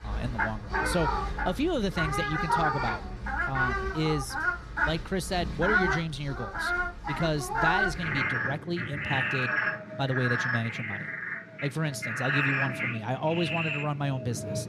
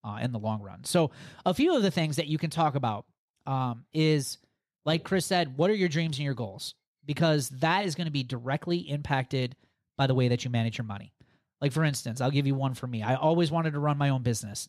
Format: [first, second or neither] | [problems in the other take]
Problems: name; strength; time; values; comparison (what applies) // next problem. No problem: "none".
second | animal sounds; very loud; throughout; 2 dB above the speech